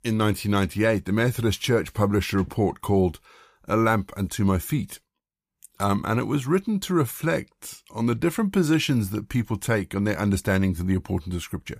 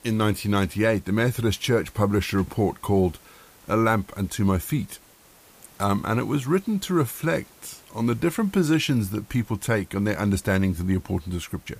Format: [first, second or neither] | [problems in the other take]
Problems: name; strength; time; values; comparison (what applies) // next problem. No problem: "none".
first | hiss; faint; throughout; 25 dB below the speech